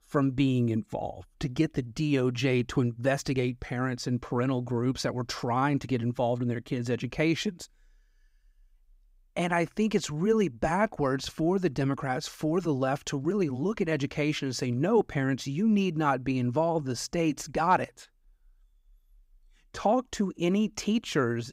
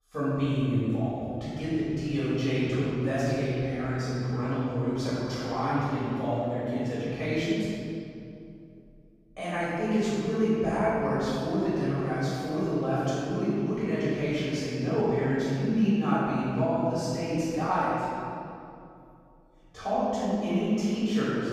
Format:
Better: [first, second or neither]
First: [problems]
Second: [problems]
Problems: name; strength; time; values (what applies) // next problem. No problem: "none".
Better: first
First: none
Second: off-mic speech; far // room echo; strong; dies away in 2.4 s